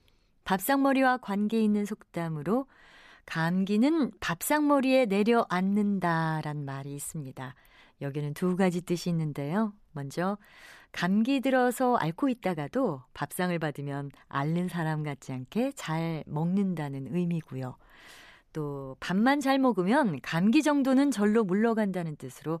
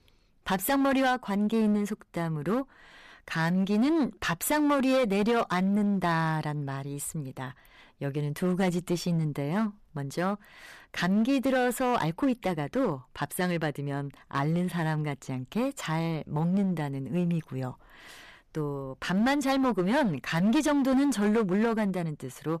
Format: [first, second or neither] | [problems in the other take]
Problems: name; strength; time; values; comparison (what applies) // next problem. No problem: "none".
first | distortion; slight; 11% of the sound clipped